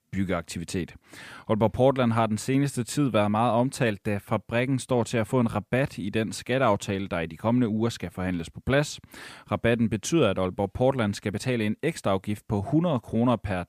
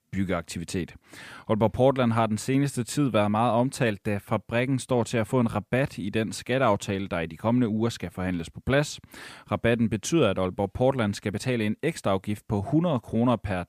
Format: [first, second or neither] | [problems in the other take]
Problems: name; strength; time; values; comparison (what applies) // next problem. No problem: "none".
neither | none